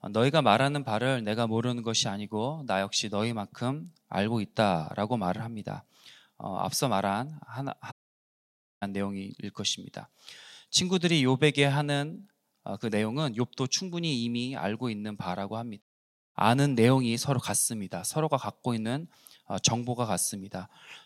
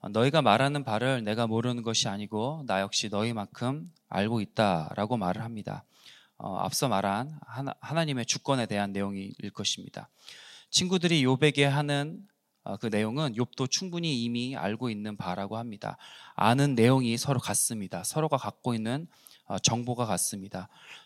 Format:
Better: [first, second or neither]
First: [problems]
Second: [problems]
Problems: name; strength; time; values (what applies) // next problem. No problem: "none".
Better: second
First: audio cutting out; at 8 s for 1 s and at 16 s for 0.5 s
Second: none